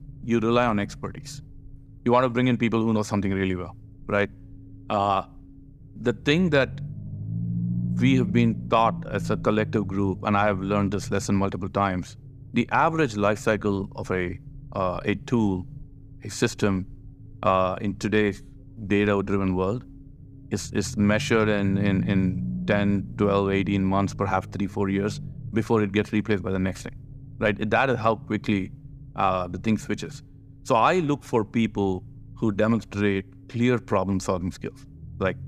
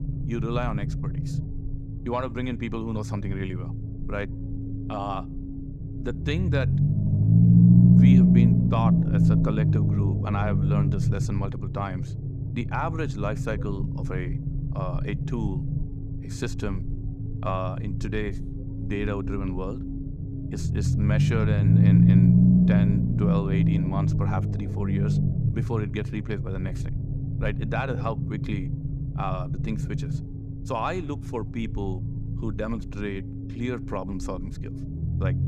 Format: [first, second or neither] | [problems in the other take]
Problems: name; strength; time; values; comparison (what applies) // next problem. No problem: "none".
first | low rumble; loud; throughout; as loud as the speech; faint in the first